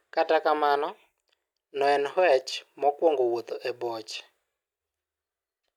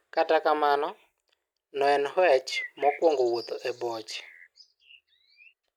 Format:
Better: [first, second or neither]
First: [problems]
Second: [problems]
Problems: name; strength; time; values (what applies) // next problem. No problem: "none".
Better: first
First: none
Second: background sound (Bird); 16 dB below the speech